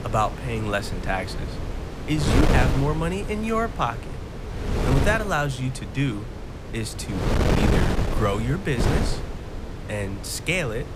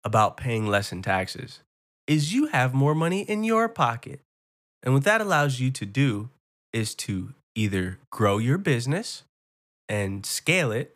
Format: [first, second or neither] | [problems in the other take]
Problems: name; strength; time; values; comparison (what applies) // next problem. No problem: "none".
second | wind noise on the microphone; heavy; 5 dB below the speech